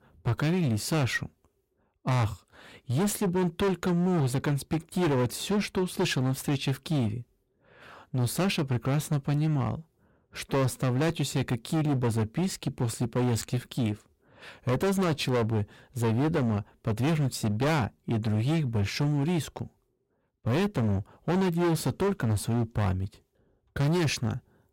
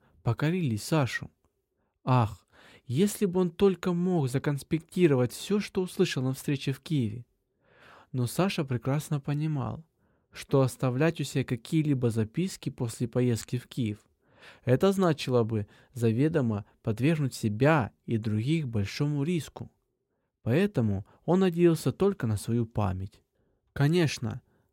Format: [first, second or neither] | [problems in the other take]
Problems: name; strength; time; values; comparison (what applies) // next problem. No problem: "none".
second | distortion; heavy; 18% of the sound clipped